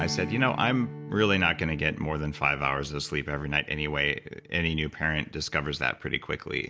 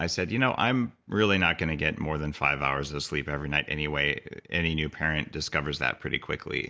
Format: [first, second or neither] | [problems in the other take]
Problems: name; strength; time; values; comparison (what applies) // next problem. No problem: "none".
second | background sound (Strum); 14 dB below the speech